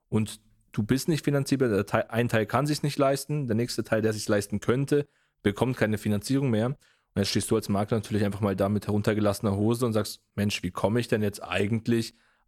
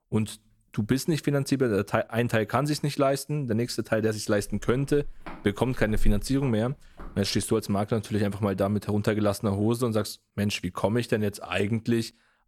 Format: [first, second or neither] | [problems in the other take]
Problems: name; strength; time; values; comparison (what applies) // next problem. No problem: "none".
first | footsteps; noticeable; from 4.5 to 6 s; peak 7 dB below the speech